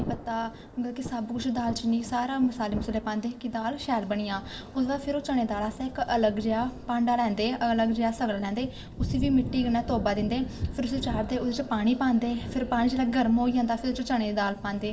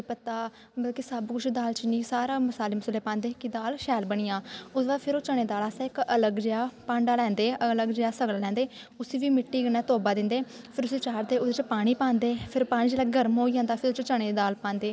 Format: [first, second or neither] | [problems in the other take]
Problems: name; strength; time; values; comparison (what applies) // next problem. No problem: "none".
second | background sound (Thunder / Rain); 11 dB below the speech // room echo; dies away in 0.4 s